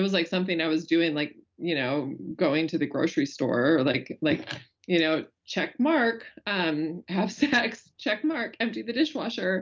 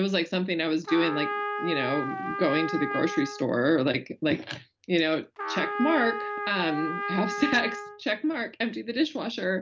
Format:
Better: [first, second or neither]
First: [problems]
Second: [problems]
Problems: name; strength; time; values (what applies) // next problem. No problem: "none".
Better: first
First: none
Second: background sound (Trumpet); 7 dB below the speech